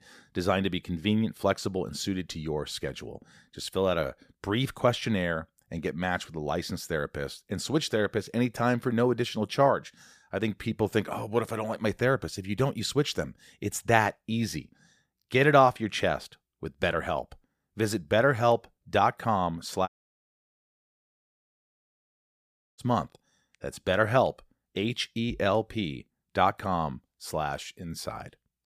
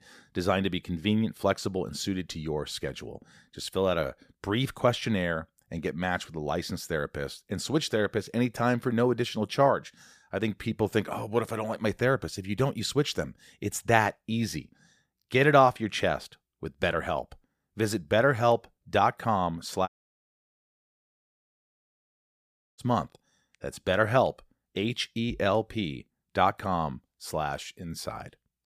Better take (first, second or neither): neither